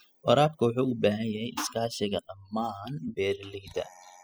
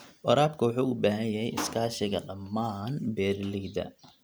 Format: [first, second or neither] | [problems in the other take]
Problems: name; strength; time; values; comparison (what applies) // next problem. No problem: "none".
second | noise reduction (classical method spectral subtraction)